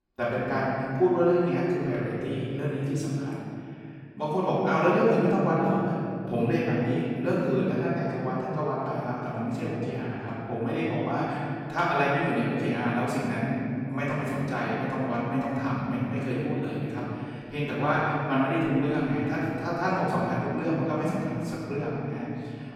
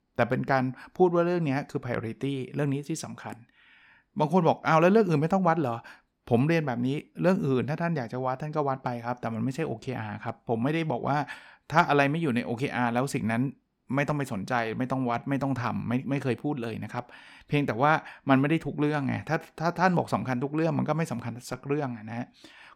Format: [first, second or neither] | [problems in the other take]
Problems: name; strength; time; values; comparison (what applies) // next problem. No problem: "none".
second | off-mic speech; far // room echo; strong; dies away in 2.6 s